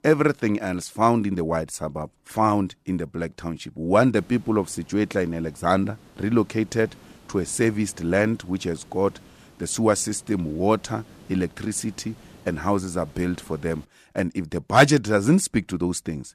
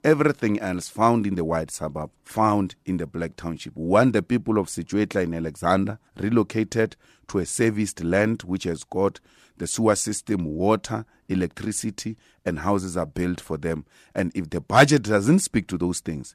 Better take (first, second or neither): second